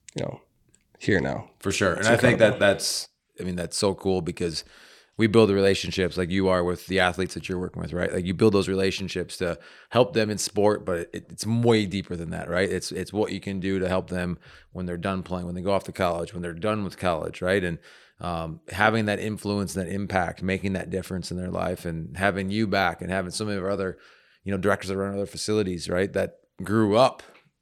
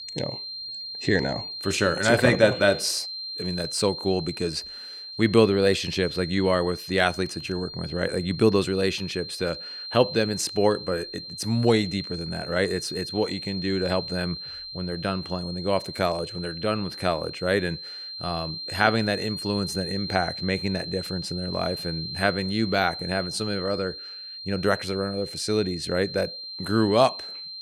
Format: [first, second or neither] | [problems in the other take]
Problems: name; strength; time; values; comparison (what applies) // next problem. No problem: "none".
first | high-pitched whine; loud; throughout; 4 kHz, 8 dB below the speech